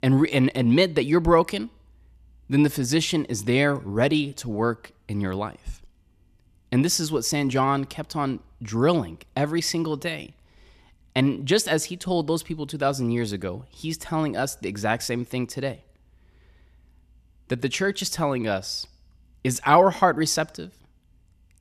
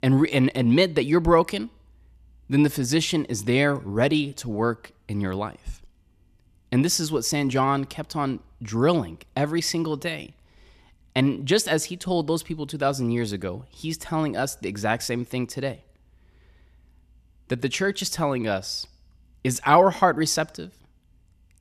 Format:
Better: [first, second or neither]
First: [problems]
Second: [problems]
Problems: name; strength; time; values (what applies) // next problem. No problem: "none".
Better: neither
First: none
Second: none